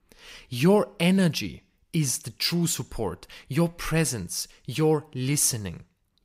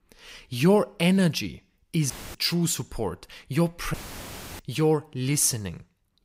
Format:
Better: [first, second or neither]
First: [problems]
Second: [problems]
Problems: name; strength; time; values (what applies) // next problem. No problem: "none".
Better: first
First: none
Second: audio cutting out; filled with static; at 2 s and at 4 s for 0.5 s